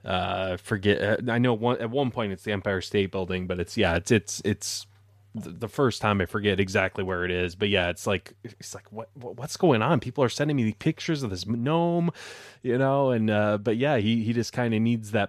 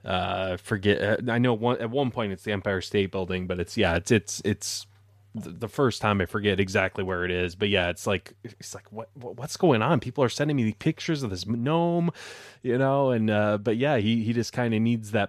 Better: neither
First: none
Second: none

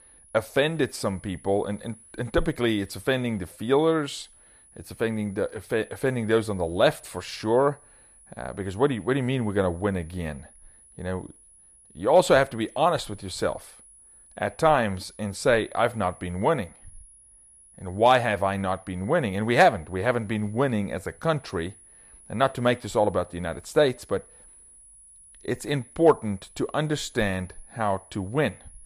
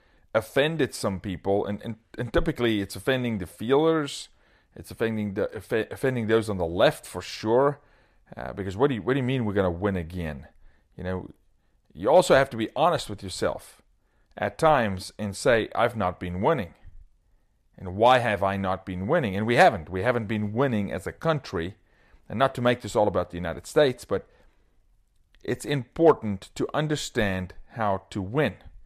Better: second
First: high-pitched whine; faint; throughout; 10.5 kHz, 25 dB below the speech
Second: none

